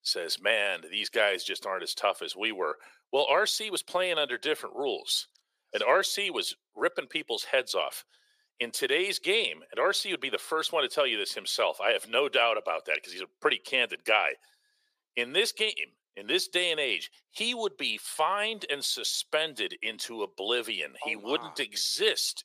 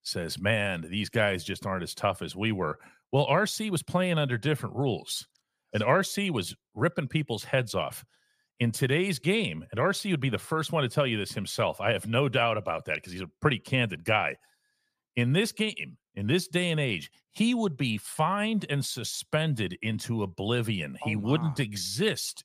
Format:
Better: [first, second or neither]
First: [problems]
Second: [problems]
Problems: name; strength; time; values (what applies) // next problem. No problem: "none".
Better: second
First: thin; very; fading below 400 Hz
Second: none